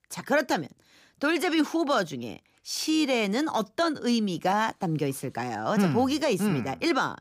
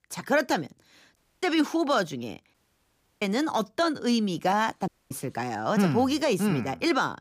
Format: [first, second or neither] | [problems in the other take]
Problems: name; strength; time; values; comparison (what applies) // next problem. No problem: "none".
first | audio cutting out; at 1 s, at 2.5 s for 0.5 s and at 5 s